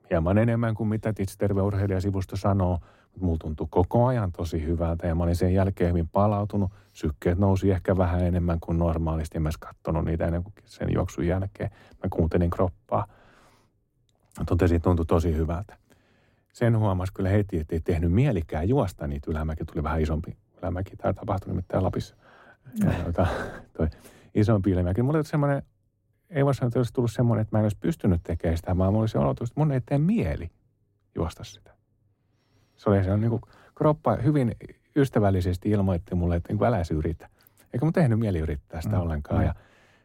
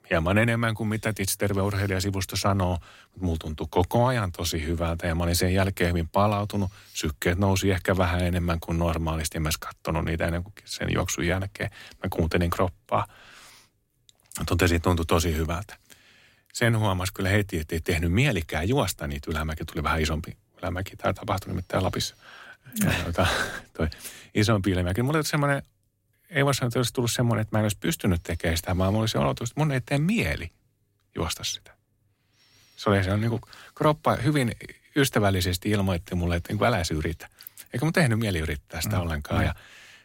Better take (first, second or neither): second